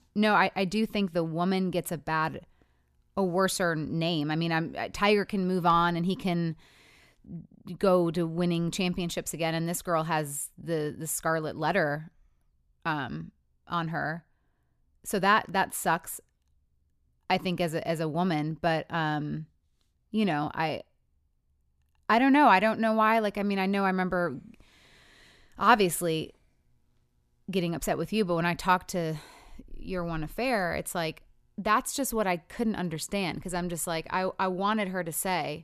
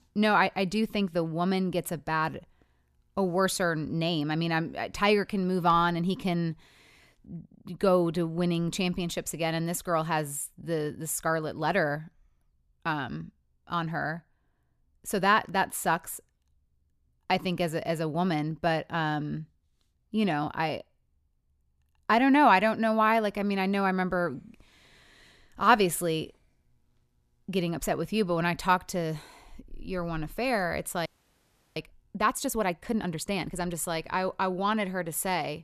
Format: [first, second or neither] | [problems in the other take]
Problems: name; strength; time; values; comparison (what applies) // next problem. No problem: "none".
first | audio freezing; at 31 s for 0.5 s